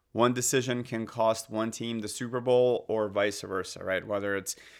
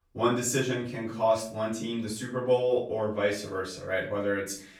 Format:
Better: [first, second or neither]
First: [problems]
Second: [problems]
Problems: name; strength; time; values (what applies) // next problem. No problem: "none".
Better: first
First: none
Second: room echo; slight; dies away in 0.4 s // off-mic speech; far